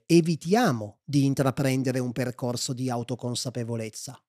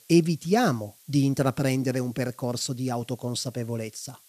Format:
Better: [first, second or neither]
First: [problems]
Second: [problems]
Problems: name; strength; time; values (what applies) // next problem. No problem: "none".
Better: first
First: none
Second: hiss; faint; throughout; 25 dB below the speech